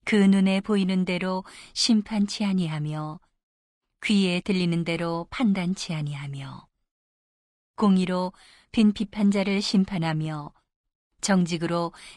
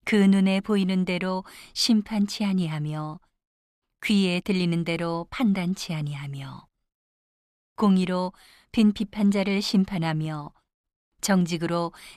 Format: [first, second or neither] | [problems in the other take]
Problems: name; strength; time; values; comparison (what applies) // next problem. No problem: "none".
second | garbled, watery; slightly